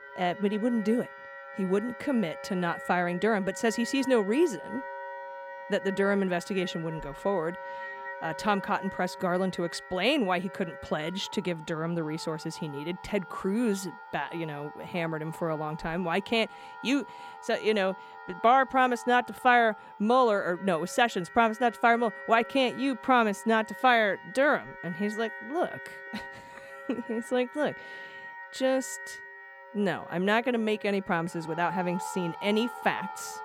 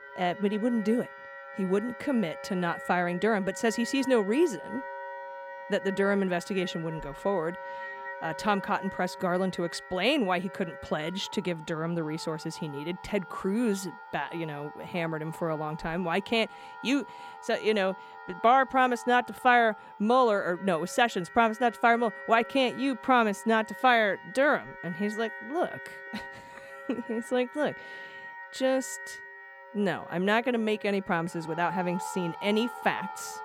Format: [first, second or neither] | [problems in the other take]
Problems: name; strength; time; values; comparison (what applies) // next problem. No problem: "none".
neither | background music; noticeable; throughout; 15 dB below the speech; the same in both